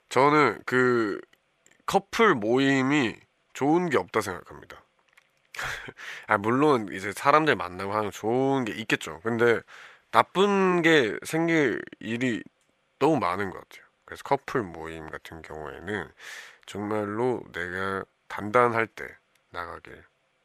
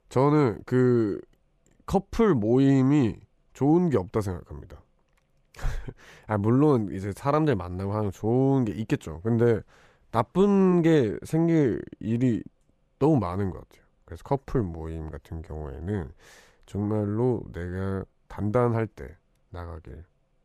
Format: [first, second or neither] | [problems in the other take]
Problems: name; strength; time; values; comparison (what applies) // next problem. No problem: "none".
second | thin; somewhat; fading below 900 Hz